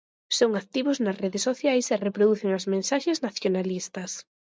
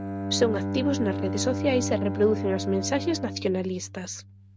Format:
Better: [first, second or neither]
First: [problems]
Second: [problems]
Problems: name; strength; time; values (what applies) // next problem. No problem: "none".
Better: first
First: none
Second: background sound (Bowed string instrument); 4 dB below the speech